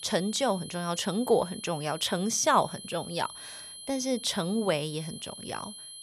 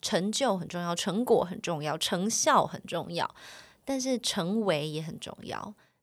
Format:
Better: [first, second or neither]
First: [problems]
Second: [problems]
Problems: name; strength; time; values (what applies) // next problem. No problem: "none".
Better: second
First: high-pitched whine; noticeable; throughout; 3 kHz, 10 dB below the speech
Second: none